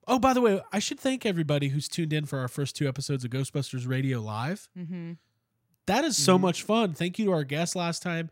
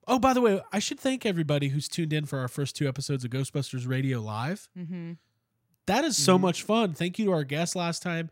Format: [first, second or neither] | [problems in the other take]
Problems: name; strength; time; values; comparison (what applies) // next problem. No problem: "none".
neither | none